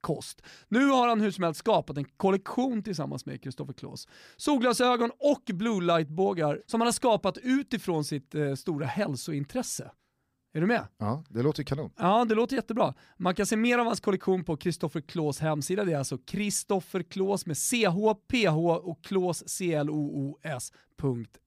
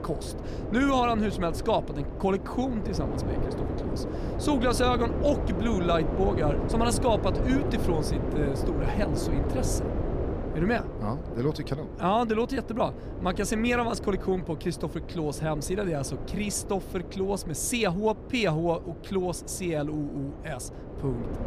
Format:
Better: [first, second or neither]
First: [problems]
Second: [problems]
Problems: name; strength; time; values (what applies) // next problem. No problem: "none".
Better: first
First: none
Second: wind noise on the microphone; heavy; 8 dB below the speech